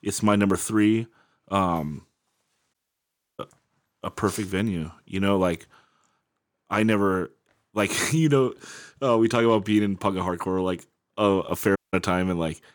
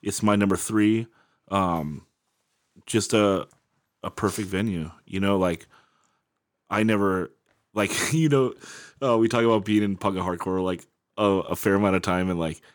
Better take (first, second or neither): second